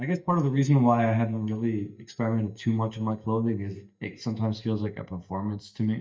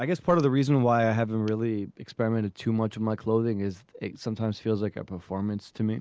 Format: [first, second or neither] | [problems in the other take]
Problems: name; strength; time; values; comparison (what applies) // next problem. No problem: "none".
second | noise reduction (neural mask model DeepFilterNet 3)